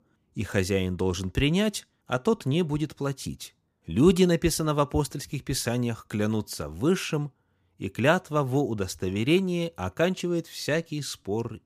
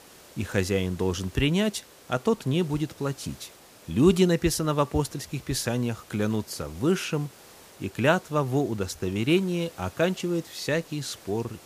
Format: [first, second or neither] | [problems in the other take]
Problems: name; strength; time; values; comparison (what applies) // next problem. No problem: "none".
first | hiss; faint; throughout; 20 dB below the speech